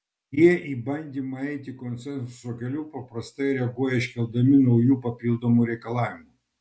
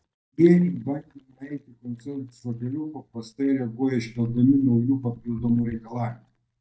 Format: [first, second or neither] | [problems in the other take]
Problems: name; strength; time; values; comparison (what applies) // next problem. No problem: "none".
first | noise reduction (neural mask model DeepFilterNet 3)